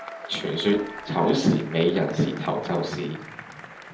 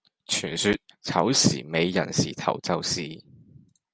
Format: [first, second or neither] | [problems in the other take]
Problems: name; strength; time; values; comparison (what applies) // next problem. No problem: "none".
second | background sound (Applause / Crowd / Cheering); 15 dB below the speech // room echo; dies away in 0.8 s